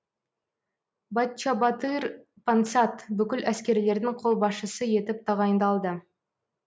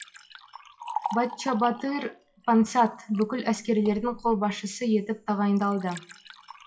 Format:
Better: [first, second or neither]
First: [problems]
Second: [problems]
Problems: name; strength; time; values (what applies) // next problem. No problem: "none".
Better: first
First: none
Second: noise reduction (classical method WPE with log-MMSE)